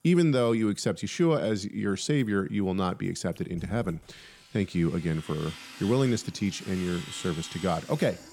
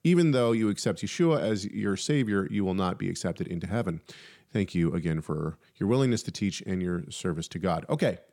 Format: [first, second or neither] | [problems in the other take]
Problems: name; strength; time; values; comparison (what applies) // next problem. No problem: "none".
second | household noises; noticeable; throughout; 15 dB below the speech